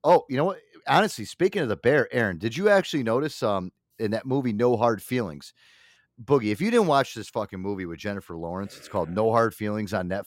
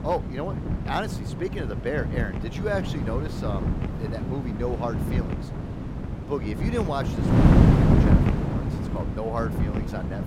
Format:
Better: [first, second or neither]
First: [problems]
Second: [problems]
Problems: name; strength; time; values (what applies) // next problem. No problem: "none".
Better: first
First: none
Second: wind noise on the microphone; heavy; as loud as the speech